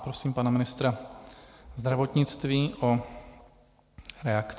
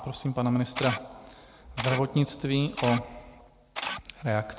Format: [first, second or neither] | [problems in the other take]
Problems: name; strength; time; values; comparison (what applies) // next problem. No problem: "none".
first | background sound (Camera); 10 dB below the speech